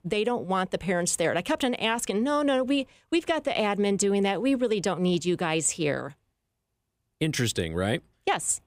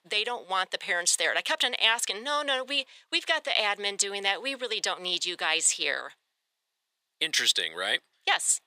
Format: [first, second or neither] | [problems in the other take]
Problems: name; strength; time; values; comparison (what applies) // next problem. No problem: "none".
first | thin; very; fading below 800 Hz